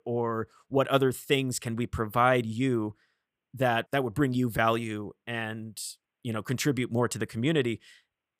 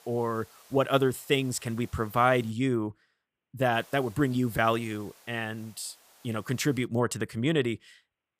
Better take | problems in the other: first | hiss; faint; until 2.5 s and from 3.5 to 7 s; 25 dB below the speech

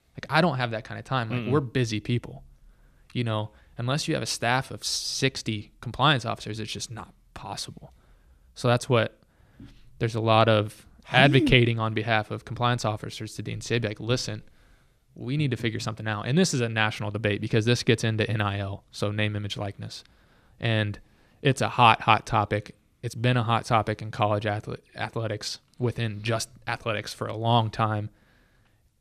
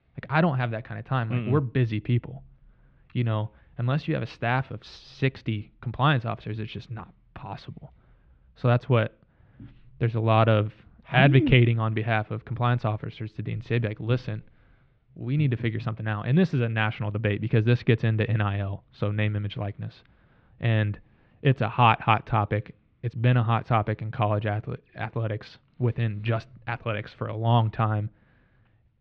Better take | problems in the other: first | muffled; very; fading above 3 kHz

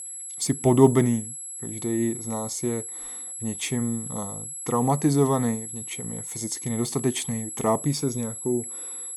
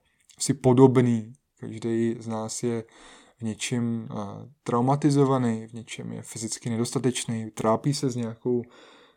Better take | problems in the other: second | high-pitched whine; loud; throughout; 11 kHz, 8 dB below the speech

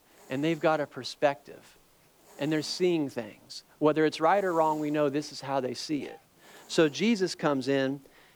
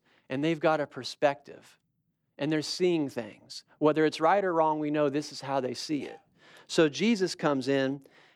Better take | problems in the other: second | hiss; faint; throughout; 30 dB below the speech

